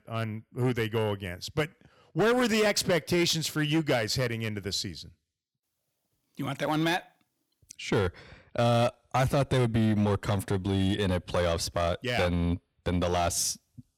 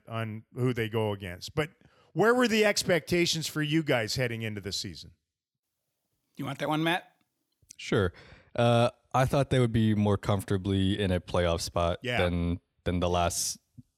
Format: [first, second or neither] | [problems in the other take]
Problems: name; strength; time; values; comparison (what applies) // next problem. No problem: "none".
second | distortion; slight; 7% of the sound clipped